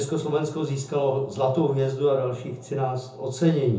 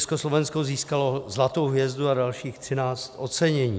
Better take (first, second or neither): second